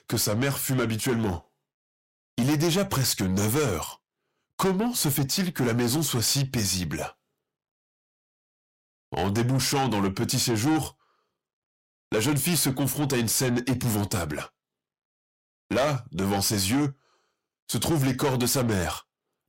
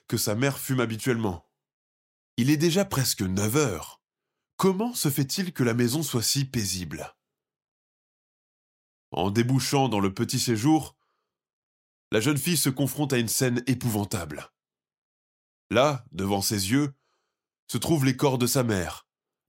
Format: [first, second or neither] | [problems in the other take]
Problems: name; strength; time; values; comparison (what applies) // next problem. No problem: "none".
second | distortion; heavy; 7 dB below the speech